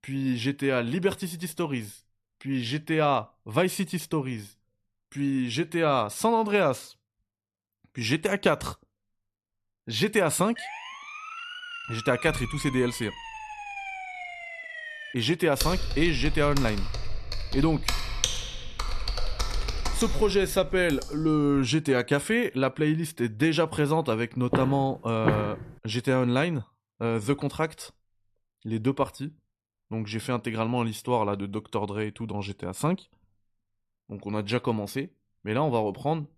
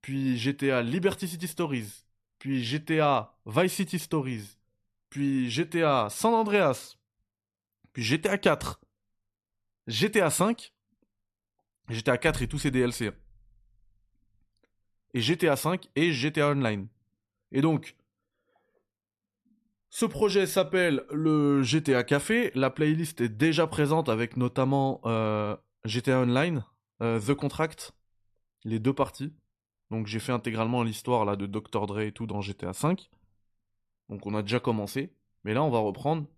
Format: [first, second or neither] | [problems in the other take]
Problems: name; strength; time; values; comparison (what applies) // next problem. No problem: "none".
second | siren; noticeable; from 11 to 15 s; peak 8 dB below the speech // keyboard typing; noticeable; from 16 to 22 s; peak level with the speech // footsteps; noticeable; from 25 to 26 s; peak 1 dB below the speech